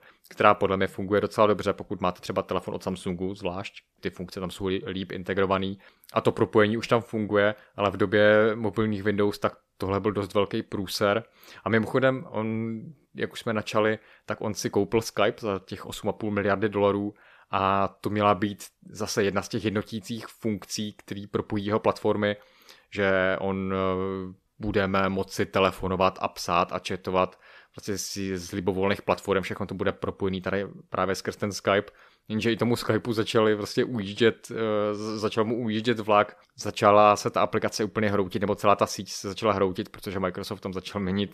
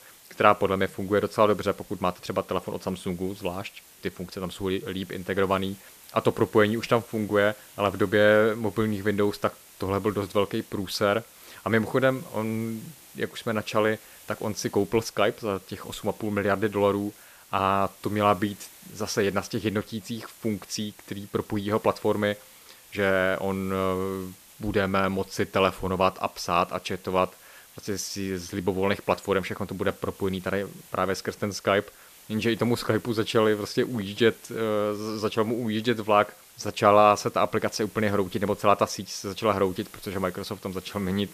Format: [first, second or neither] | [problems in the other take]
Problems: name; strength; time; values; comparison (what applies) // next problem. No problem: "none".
first | hiss; faint; throughout; 20 dB below the speech